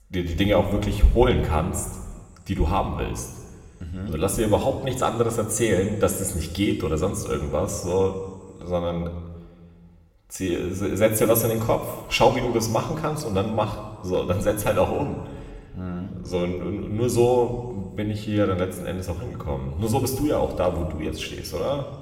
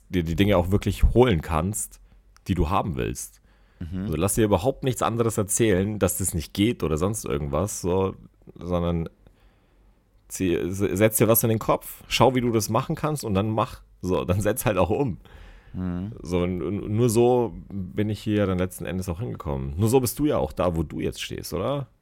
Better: second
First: room echo; slight; dies away in 1.3 s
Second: none

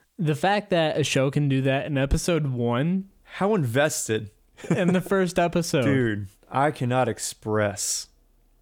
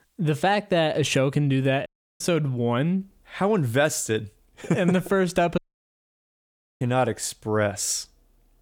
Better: first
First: none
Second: audio cutting out; at 2 s and at 5.5 s for 1 s

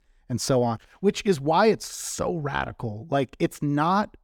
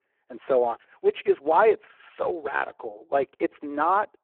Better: first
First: none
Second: phone-call audio; poor line

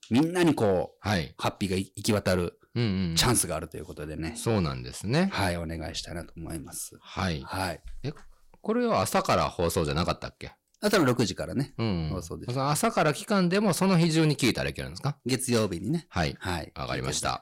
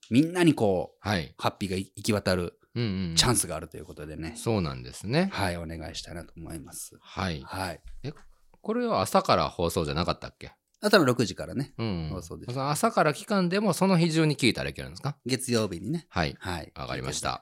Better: second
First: distortion; slight; 10 dB below the speech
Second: none

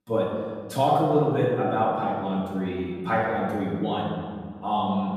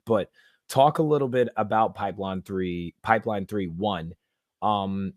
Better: second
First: off-mic speech; far // room echo; noticeable; dies away in 1.8 s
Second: none

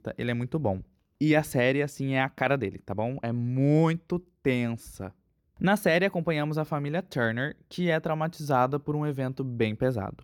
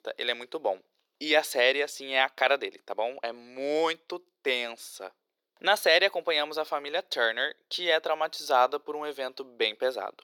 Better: first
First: none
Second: thin; very; fading below 450 Hz

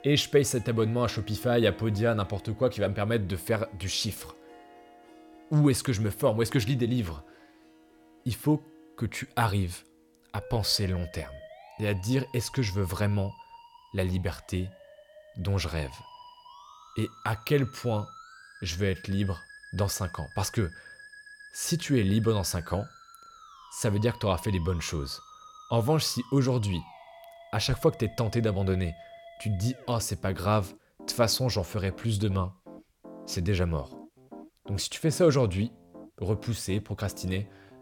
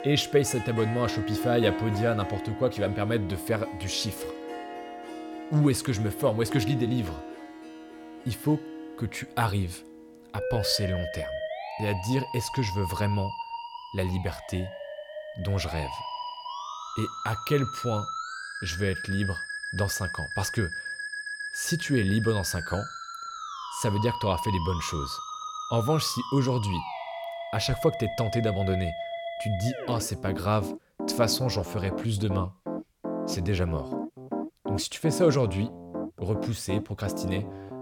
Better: first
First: background music; faint; throughout; 20 dB below the speech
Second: background music; loud; throughout; 7 dB below the speech

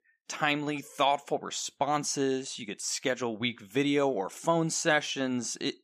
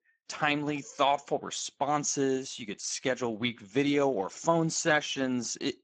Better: first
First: none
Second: garbled, watery; badly; nothing above 7.5 kHz

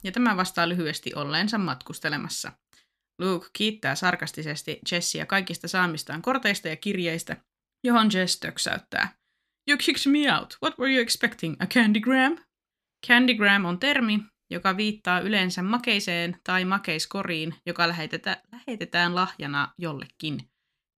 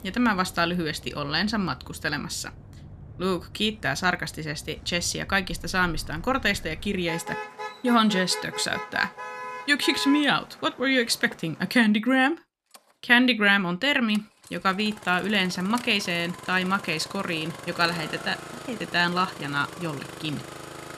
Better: first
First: none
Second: traffic noise; noticeable; throughout; 15 dB below the speech

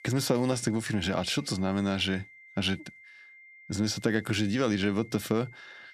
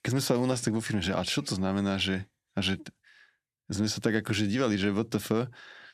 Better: second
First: high-pitched whine; faint; throughout; 2 kHz, 20 dB below the speech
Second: none

